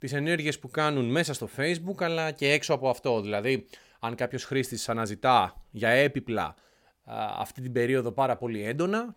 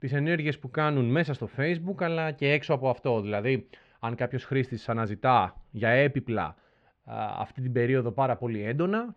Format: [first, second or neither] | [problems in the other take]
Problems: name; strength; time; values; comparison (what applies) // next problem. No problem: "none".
first | muffled; slightly; fading above 3 kHz